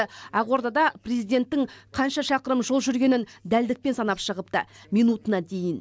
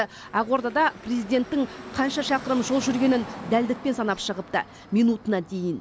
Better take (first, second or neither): first